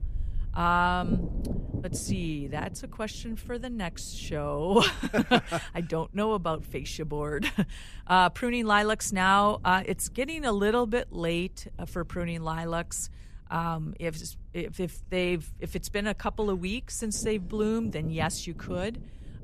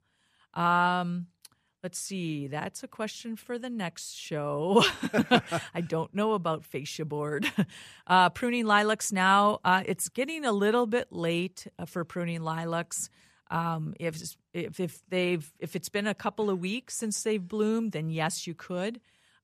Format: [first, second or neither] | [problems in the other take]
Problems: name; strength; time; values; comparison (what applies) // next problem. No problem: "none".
second | wind noise on the microphone; occasional gusts; 20 dB below the speech